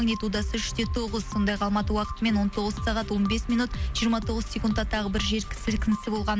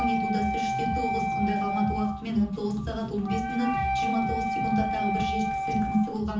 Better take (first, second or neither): first